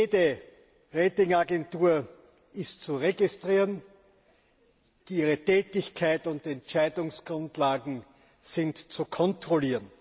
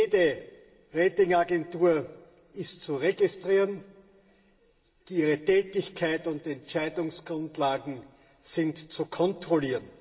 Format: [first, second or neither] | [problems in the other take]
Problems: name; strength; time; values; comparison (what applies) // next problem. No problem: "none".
first | room echo; dies away in 1.1 s